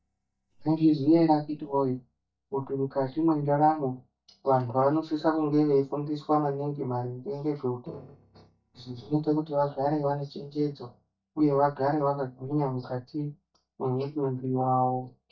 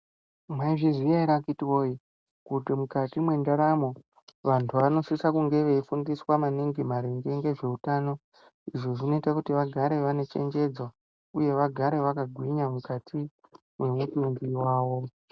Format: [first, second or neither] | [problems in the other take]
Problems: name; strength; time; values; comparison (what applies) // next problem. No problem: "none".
second | noise reduction (neural mask model DeepFilterNet 3)